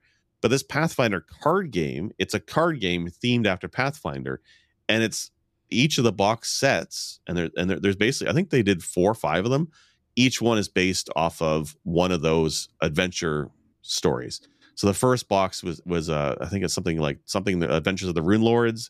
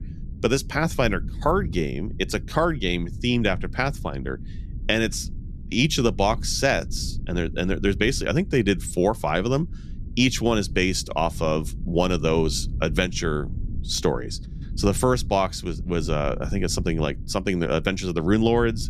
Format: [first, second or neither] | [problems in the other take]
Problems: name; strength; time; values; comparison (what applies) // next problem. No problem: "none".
first | low rumble; faint; throughout; 25 dB below the speech